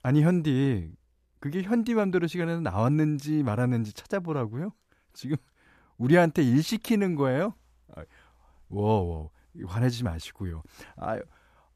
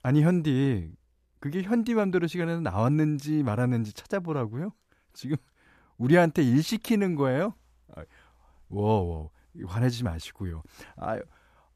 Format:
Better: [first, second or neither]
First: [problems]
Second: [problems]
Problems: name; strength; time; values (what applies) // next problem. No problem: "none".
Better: neither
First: none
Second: none